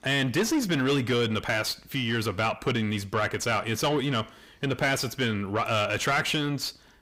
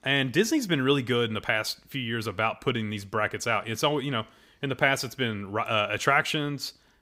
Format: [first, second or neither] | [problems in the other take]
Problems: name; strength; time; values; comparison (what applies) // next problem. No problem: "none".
second | distortion; heavy; 7 dB below the speech